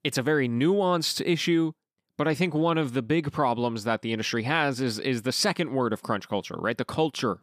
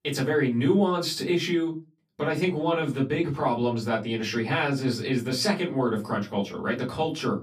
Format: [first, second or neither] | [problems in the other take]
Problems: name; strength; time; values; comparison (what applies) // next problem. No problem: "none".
first | off-mic speech; far // room echo; very slight; dies away in 0.2 s